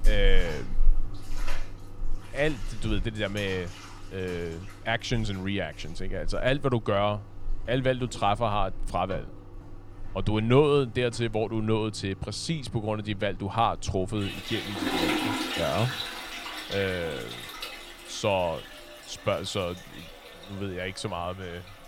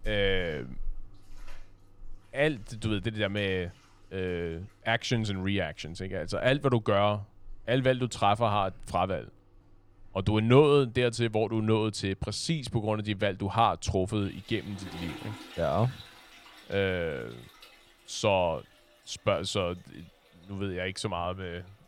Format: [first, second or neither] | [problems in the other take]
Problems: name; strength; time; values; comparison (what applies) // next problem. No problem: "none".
second | household noises; loud; throughout; 7 dB below the speech; faint in the second